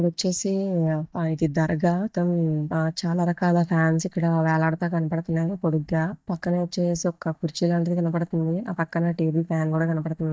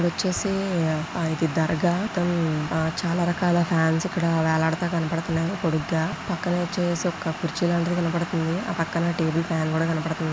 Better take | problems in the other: second | noise reduction (neural mask model DeepFilterNet 3)

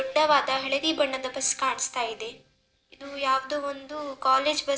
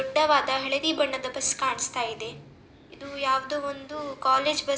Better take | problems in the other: second | noise reduction (neural separator model SepFormer DNS4)

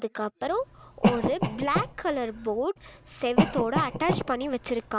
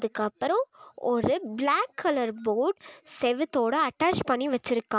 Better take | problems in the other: second | background sound (Cough); 1 dB below the speech

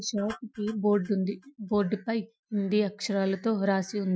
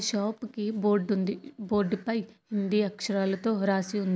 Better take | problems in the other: second | noise reduction (classical method Wiener filter)

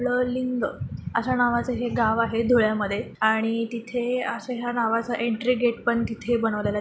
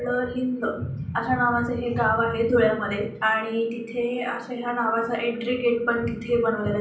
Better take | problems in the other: first | room echo; dies away in 0.6 s

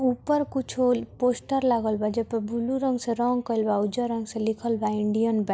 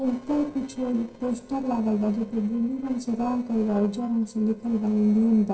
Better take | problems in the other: first | noise reduction (neural separator model SepFormer DNS4)

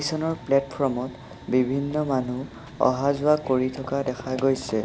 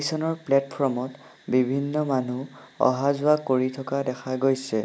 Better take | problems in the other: second | background sound (Run / Train); 16 dB below the speech

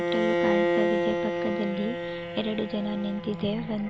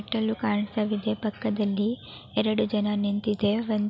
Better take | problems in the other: second | background sound (Bowed string instrument); 2 dB above the speech

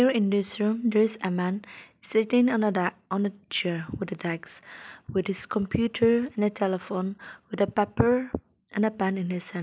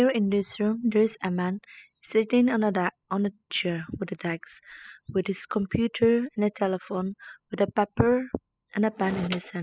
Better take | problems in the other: first | noise reduction (classical method spectral subtraction)

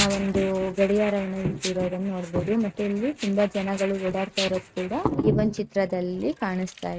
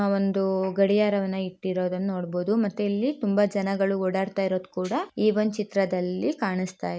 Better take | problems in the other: second | noise reduction (neural mask model RNNoise)

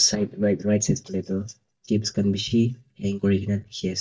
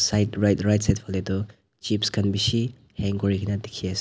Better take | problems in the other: second | noise reduction (neural mask model DeepFilterNet 3)

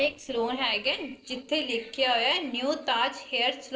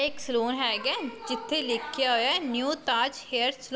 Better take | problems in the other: second | noise reduction (neural separator model SepFormer DNS4)

